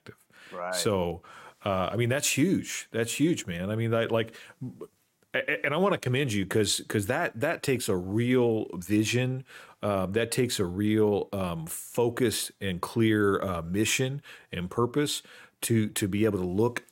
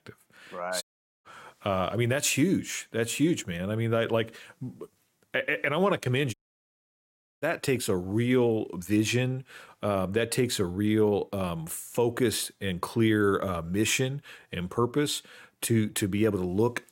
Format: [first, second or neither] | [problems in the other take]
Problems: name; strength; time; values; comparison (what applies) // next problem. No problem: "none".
first | audio cutting out; at 1 s and at 6.5 s for 1 s